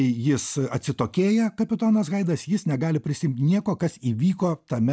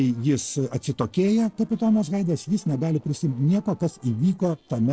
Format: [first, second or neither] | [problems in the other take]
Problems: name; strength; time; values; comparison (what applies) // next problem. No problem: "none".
first | noise reduction (neural separator model SepFormer DNS4)